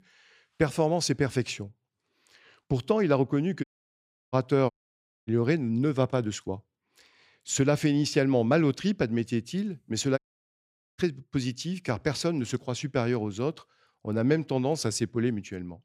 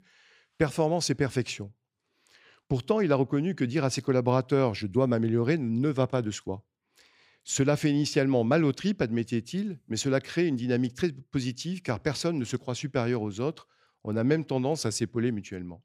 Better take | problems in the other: second | audio cutting out; at 3.5 s for 0.5 s, at 4.5 s for 0.5 s and at 10 s for 1 s

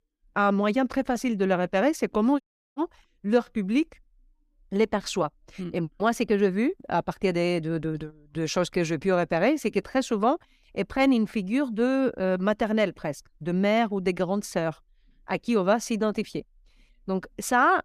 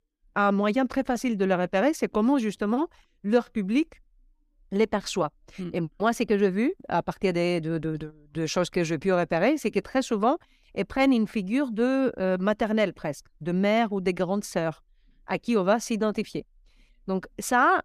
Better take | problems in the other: second | audio cutting out; at 2.5 s

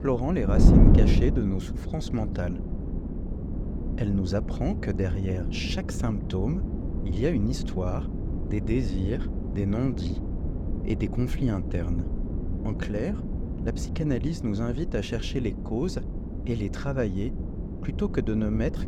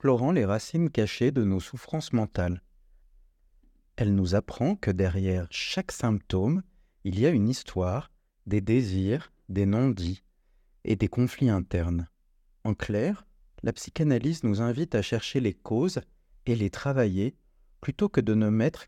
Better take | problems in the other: second | wind noise on the microphone; heavy; 4 dB below the speech

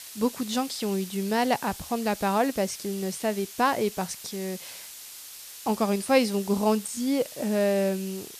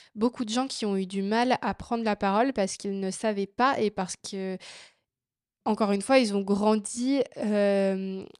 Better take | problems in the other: second | hiss; noticeable; throughout; 15 dB below the speech

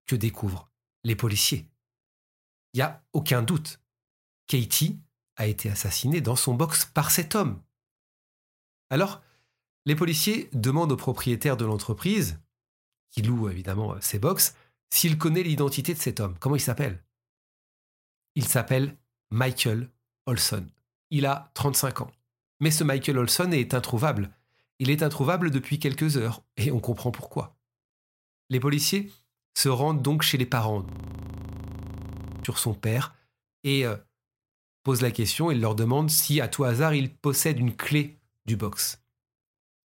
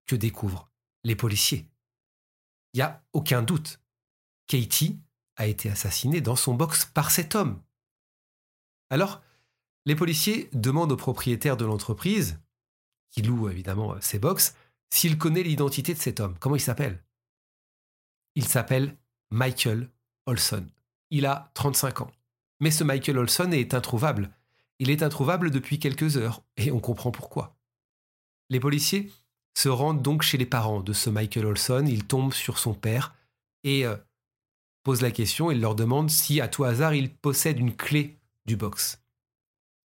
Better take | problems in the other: second | audio freezing; at 31 s for 1.5 s

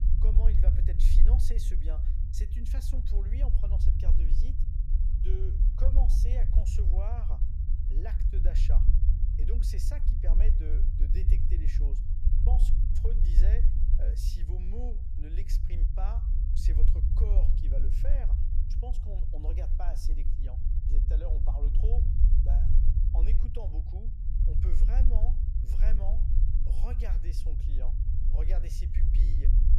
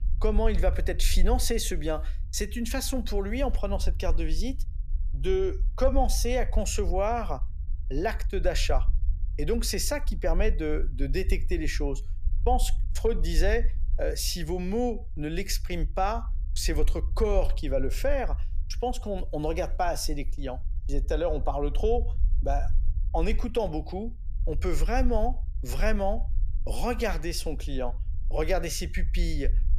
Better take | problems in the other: second | low rumble; loud; throughout; 2 dB below the speech; faint in the second

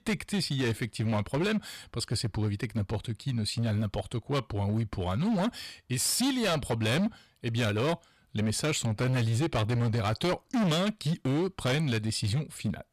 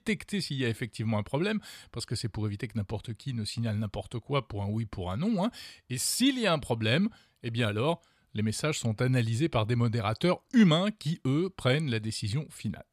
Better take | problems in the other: second | distortion; heavy; 17% of the sound clipped

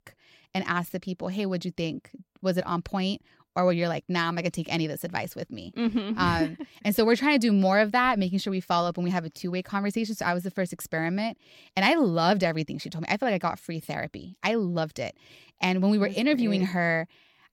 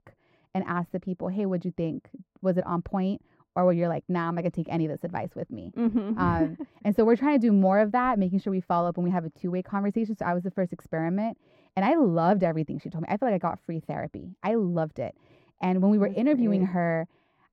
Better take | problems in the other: first | muffled; very; fading above 2 kHz

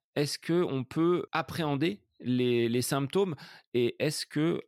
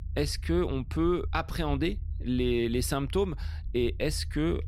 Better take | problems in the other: first | low rumble; faint; throughout; 25 dB below the speech

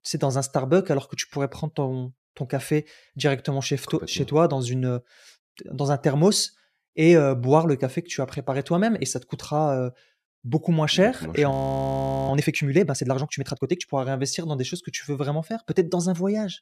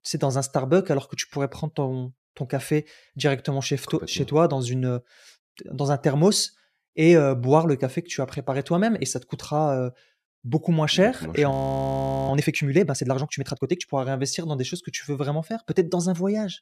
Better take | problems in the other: neither | audio freezing; at 12 s for 1 s; the same in both

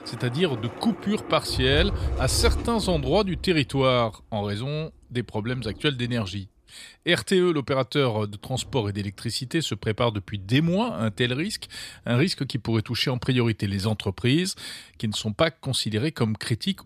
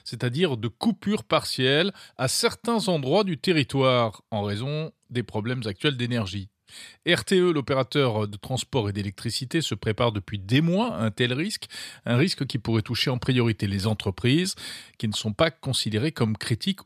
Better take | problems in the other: second | rain or running water; loud; throughout; 8 dB below the speech

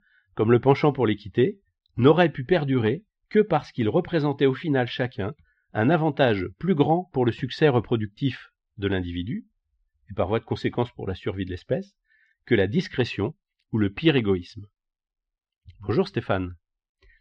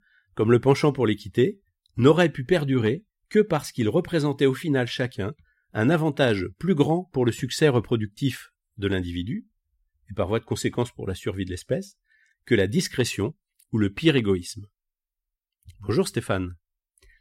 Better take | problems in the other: second | muffled; slightly; fading above 4 kHz

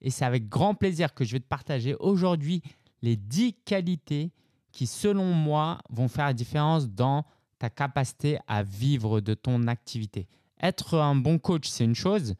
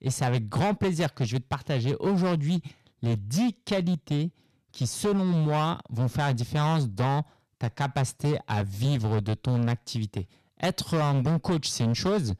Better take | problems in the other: first | distortion; slight; 15% of the sound clipped

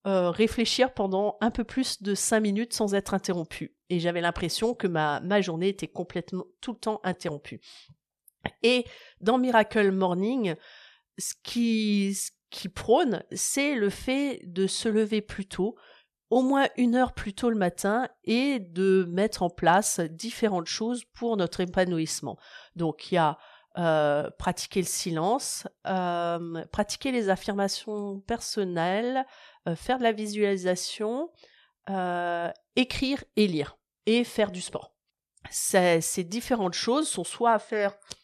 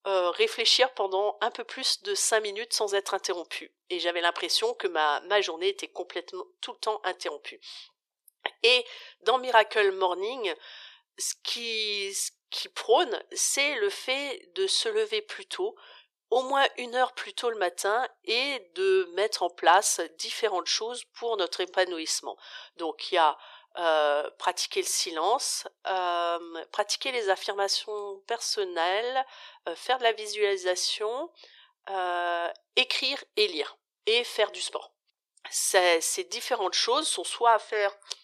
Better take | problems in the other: first | thin; very; fading below 350 Hz

